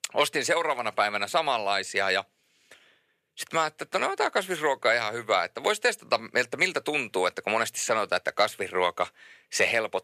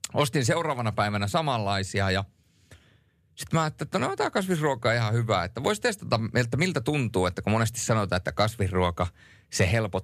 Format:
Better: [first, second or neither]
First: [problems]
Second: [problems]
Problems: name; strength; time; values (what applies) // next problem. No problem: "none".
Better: second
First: thin; very; fading below 500 Hz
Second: none